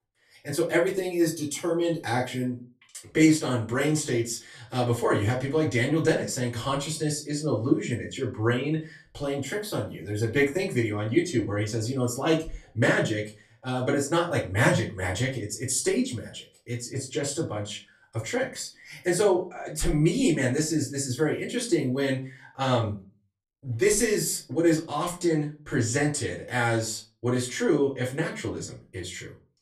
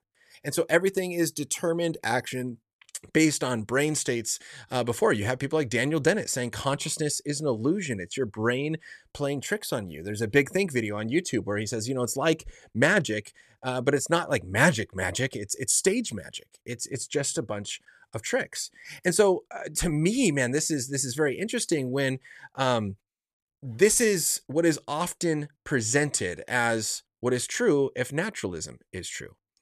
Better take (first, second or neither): second